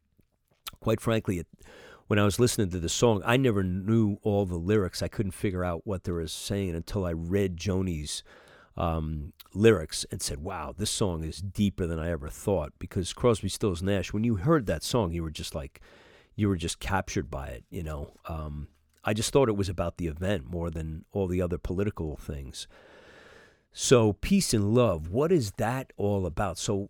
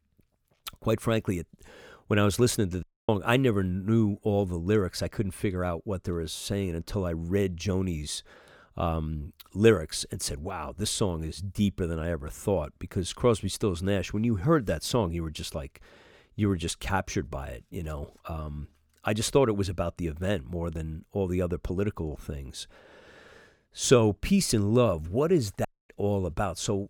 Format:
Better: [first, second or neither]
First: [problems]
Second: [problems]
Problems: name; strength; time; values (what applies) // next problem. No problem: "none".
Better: first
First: none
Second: audio cutting out; at 3 s and at 26 s